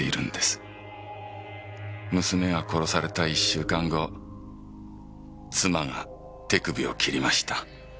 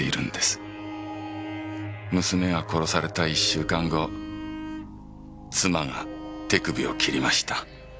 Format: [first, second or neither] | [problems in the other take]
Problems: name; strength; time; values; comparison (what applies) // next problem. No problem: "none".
first | background sound (Bowed string instrument); 11 dB below the speech